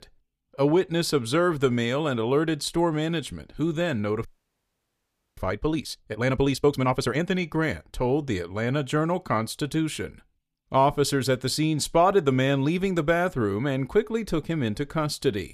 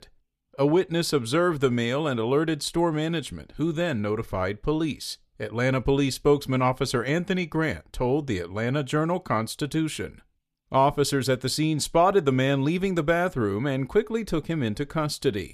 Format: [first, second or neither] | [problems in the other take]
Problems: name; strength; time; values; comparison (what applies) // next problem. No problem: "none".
second | audio freezing; at 4.5 s for 1 s